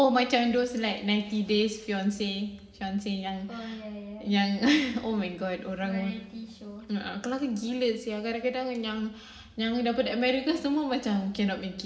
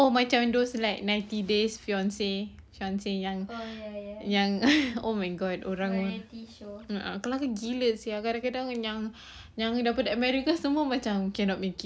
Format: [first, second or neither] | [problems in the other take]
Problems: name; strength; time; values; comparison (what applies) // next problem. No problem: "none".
second | room echo; dies away in 1 s